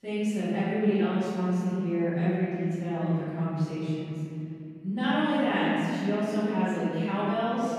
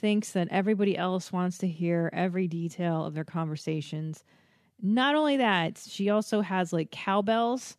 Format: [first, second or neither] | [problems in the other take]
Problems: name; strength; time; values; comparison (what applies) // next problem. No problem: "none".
second | room echo; strong; dies away in 3 s // off-mic speech; far